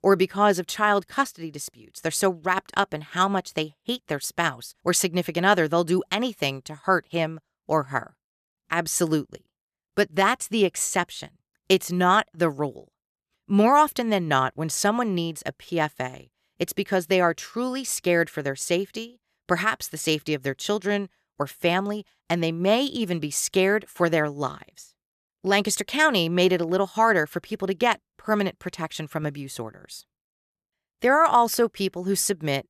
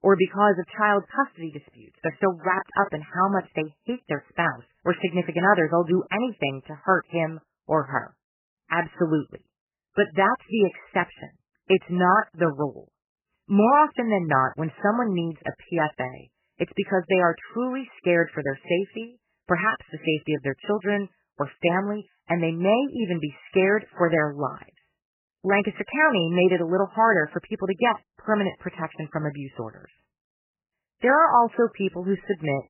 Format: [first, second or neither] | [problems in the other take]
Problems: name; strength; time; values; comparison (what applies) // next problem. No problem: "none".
first | garbled, watery; badly; nothing above 3 kHz